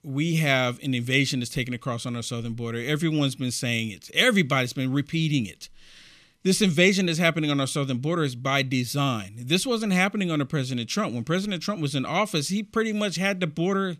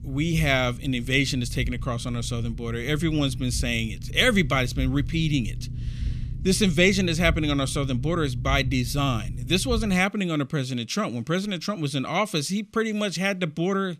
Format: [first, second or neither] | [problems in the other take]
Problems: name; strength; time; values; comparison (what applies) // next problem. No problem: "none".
first | low rumble; faint; until 10 s; 20 dB below the speech